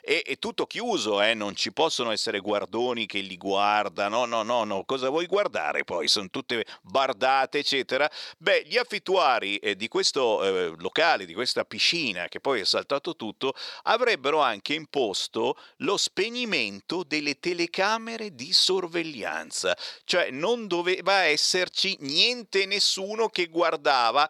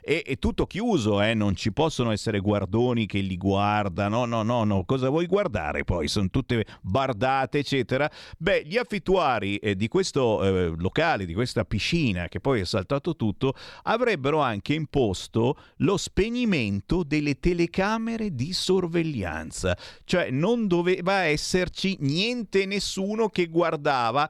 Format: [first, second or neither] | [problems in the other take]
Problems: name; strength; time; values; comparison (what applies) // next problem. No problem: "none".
second | thin; somewhat; fading below 450 Hz